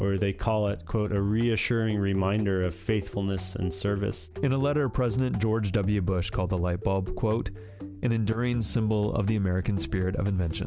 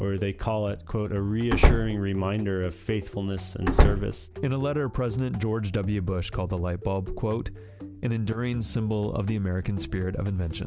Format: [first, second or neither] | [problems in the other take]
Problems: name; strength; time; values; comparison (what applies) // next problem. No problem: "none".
first | background sound (Slam); 4 dB above the speech